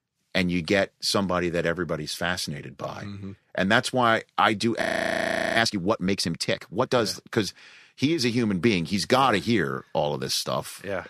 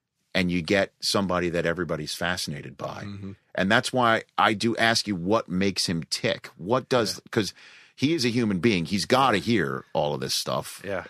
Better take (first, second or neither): second